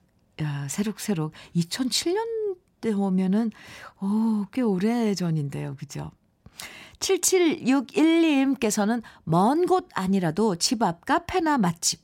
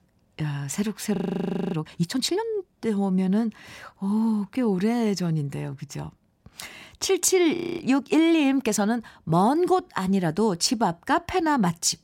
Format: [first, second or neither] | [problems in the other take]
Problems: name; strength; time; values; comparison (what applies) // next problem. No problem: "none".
first | audio freezing; at 1 s for 0.5 s and at 7.5 s